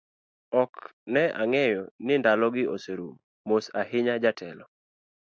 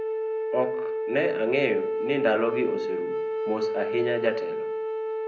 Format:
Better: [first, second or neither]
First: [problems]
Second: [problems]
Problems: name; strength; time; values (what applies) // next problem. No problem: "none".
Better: first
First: none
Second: background sound (Wind instrument, woodwind instrument); as loud as the speech // room echo; dies away in 0.5 s